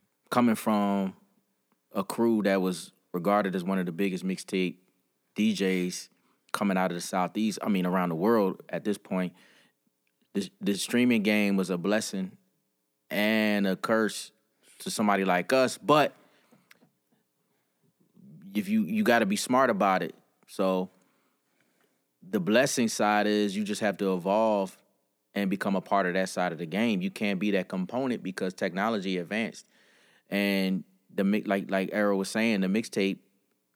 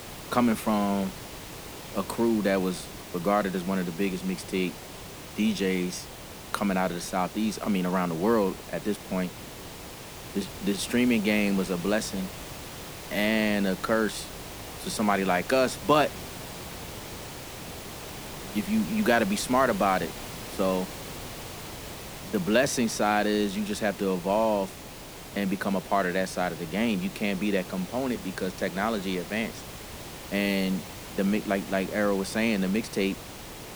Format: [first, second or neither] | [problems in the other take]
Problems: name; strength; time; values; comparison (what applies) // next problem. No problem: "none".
first | hiss; noticeable; throughout; 10 dB below the speech